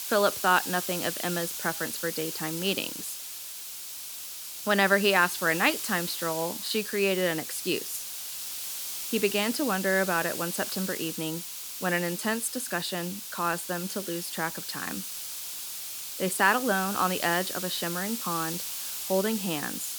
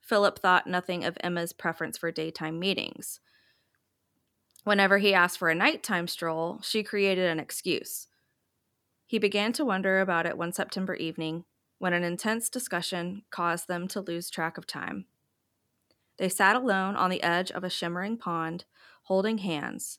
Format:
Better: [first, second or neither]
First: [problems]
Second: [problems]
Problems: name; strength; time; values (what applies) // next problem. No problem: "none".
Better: second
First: hiss; loud; throughout; 5 dB below the speech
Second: none